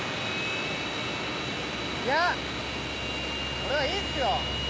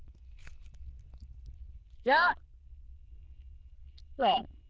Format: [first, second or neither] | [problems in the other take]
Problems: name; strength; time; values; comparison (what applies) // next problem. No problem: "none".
first | noise reduction (neural diffusion model UNIVERSE++)